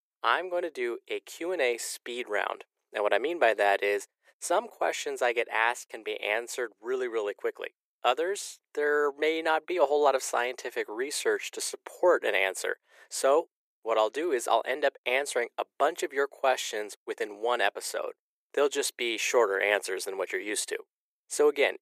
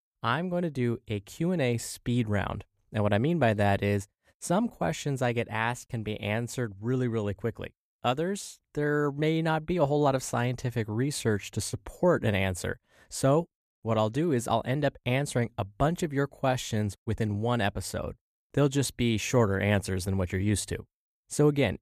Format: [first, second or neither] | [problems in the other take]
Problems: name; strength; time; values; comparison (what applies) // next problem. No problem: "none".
second | thin; very; fading below 400 Hz